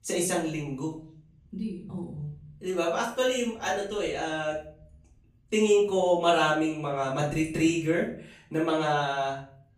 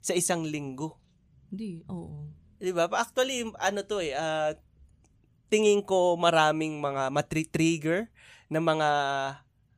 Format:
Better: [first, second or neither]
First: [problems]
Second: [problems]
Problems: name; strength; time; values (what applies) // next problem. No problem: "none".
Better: second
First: off-mic speech; far // room echo; slight; dies away in 0.5 s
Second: none